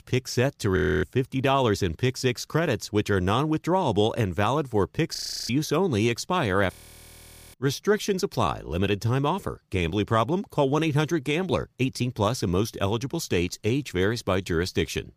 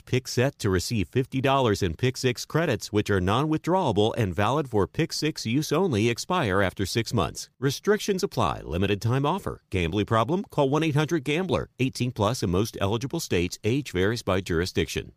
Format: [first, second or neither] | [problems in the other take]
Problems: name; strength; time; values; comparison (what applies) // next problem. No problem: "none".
second | audio freezing; at 1 s, at 5 s and at 6.5 s for 1 s